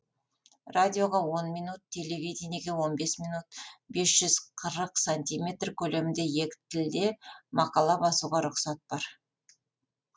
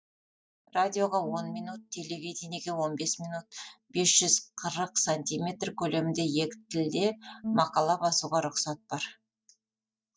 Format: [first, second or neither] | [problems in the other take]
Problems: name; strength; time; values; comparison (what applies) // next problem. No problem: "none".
first | noise reduction (neural mask model DeepFilterNet 3)